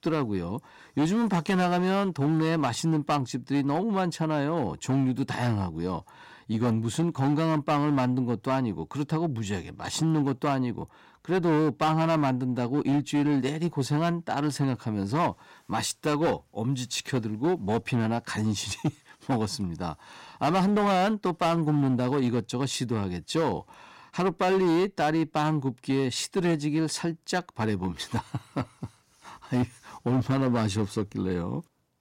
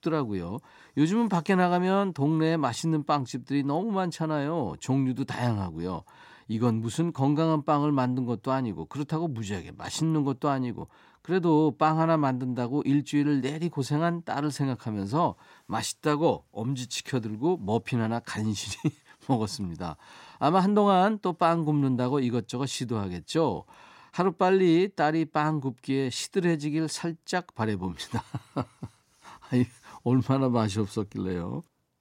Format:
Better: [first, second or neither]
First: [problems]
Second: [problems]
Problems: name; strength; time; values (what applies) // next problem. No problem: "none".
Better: second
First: distortion; slight; 10% of the sound clipped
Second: none